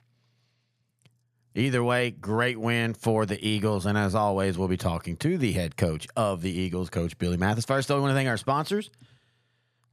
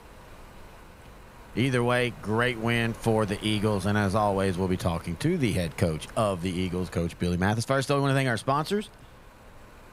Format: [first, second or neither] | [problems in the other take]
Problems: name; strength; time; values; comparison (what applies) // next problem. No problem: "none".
first | wind noise on the microphone; occasional gusts; 20 dB below the speech